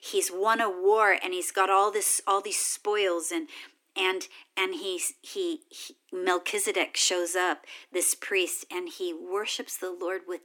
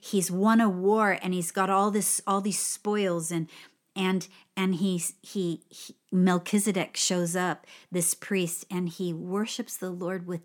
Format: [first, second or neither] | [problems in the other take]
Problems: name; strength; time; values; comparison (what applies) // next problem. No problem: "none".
second | thin; very; fading below 300 Hz